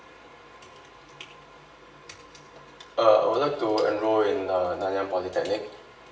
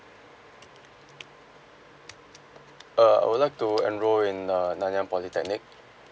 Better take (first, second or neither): second